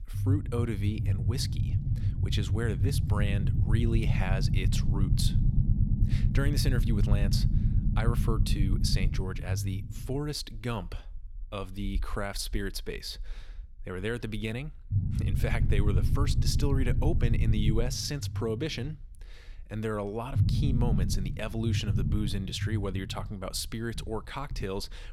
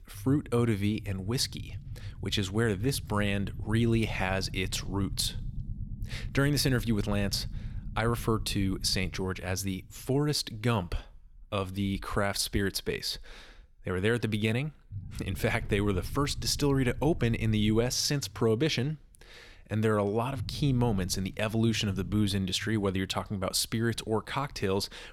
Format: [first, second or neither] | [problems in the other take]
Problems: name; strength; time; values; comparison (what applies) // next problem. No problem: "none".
second | low rumble; loud; throughout; 6 dB below the speech; faint in the second